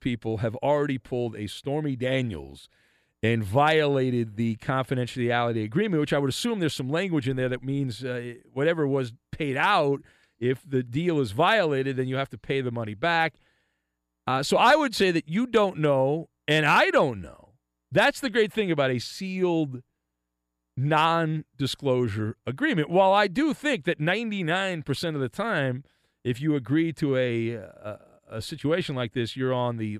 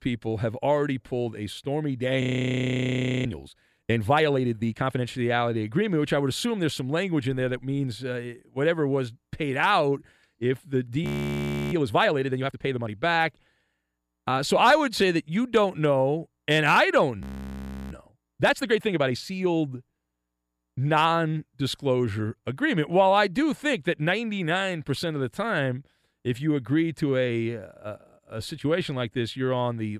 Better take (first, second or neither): first